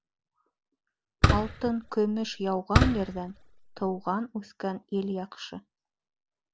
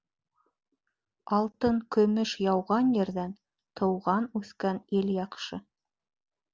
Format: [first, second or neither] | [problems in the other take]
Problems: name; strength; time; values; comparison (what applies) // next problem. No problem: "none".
second | background sound (Fireworks); 4 dB above the speech